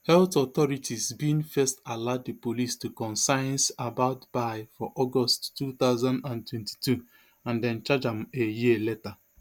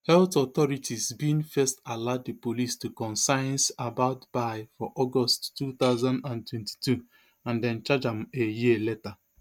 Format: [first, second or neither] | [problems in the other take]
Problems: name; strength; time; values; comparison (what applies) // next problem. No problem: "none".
first | noise reduction (neural mask model RNNoise)